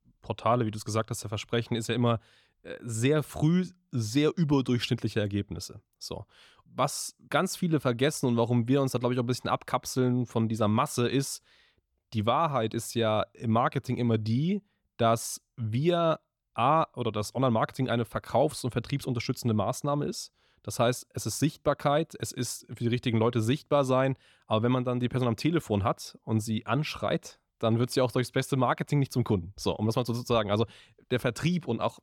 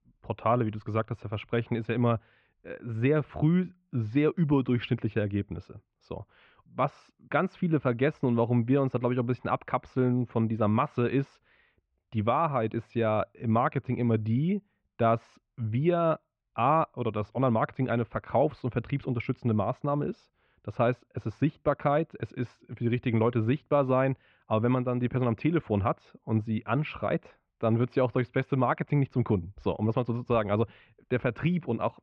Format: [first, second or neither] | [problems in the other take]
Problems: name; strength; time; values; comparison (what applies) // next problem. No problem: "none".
first | muffled; very; fading above 2.5 kHz